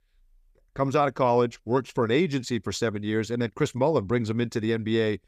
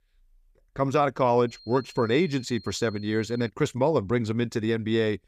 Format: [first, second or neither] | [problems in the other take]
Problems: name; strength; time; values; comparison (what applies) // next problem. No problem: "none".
first | high-pitched whine; faint; from 1.5 to 3.5 s; 4 kHz, 25 dB below the speech